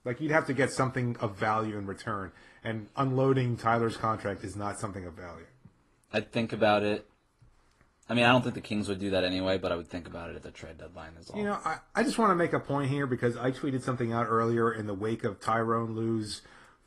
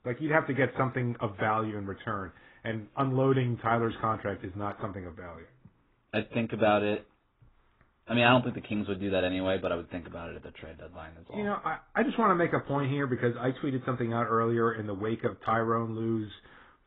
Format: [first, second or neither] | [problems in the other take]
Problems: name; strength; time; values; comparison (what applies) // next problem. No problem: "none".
first | garbled, watery; badly; nothing above 4 kHz; slightly in the first